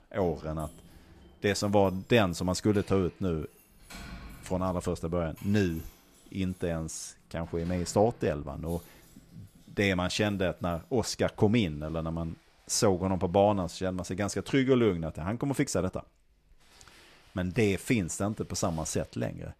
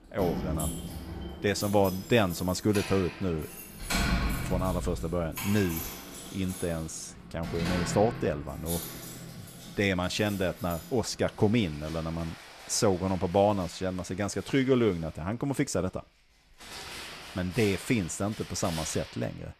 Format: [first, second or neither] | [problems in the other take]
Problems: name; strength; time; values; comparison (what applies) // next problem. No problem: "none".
first | household noises; loud; throughout; 8 dB below the speech; faint in the first